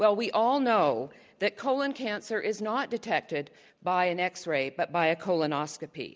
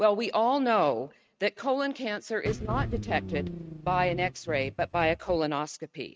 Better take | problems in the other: first | noise reduction (neural mask model RNNoise)

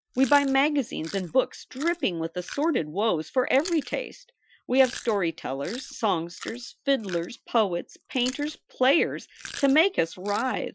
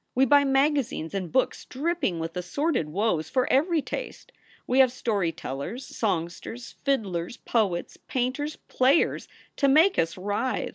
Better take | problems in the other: second | noise reduction (classical method Wiener filter)

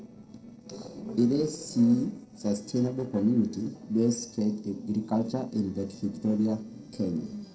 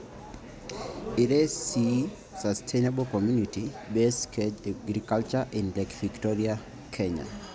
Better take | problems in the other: second | noise reduction (neural separator model SepFormer DNS4)

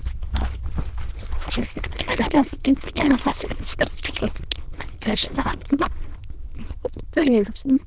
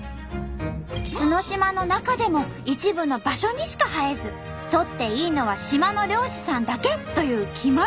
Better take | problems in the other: second | noise reduction (neural diffusion model UNIVERSE++)

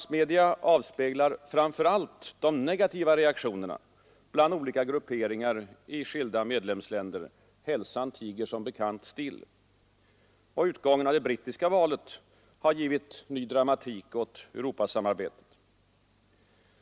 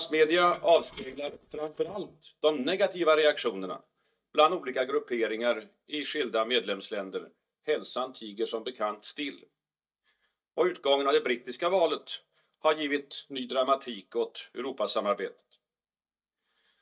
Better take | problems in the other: first | noise reduction (neural mask model DeepFilterNet 3)

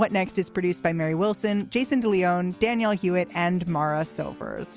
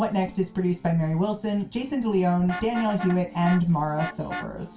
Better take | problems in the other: first | background sound (Vehicle horn, car horn, honking); 15 dB below the speech // room echo; dies away in 0.2 s

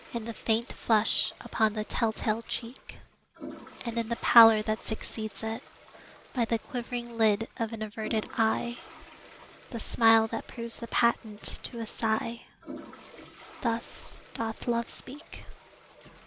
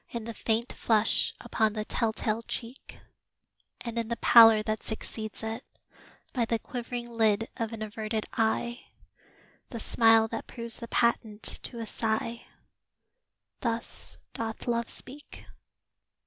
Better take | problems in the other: second | background sound (Toilet flush); 19 dB below the speech

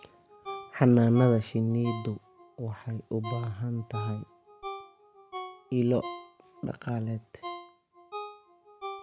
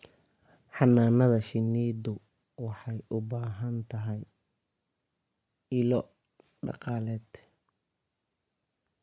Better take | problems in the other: second | background sound (Ringtone); 14 dB below the speech

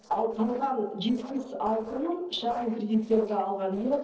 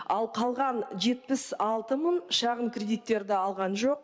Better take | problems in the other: second | noise reduction (neural separator model SepFormer DNS4)

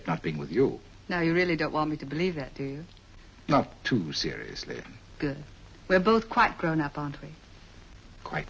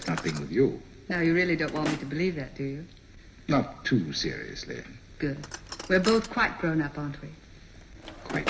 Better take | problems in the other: first | background sound (Drawer open or close); 12 dB below the speech // room echo; dies away in 1.2 s

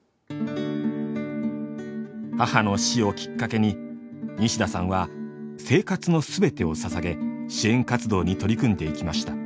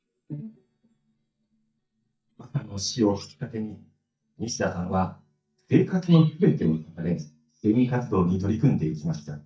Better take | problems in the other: first | noise reduction (neural mask model DeepFilterNet 3)

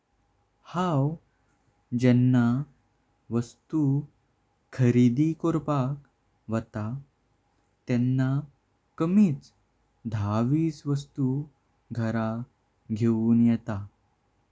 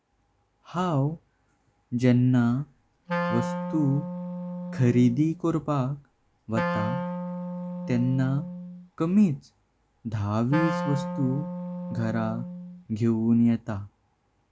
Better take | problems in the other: first | background sound (Wind instrument, woodwind instrument); 6 dB below the speech

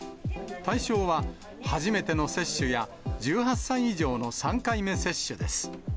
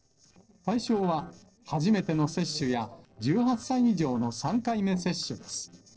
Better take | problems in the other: first | noise reduction (neural separator model SepFormer DNS4)

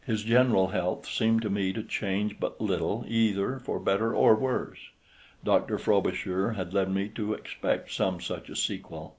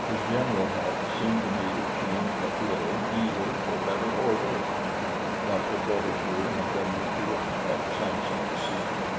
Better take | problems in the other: first | background sound (Wind); 3 dB above the speech // room echo; dies away in 1.1 s

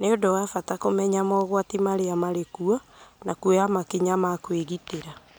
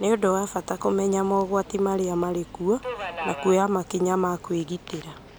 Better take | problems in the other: first | background sound (Subway, metro, underground); 15 dB below the speech

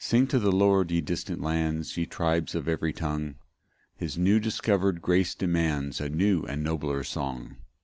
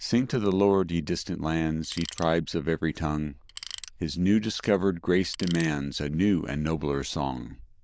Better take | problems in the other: first | noise reduction (neural diffusion model UNIVERSE++)

